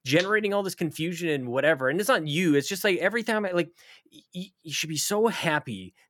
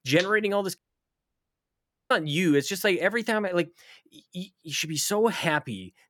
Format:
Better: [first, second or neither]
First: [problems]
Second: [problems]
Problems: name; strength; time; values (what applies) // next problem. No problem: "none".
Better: first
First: none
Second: audio cutting out; at 1 s for 1.5 s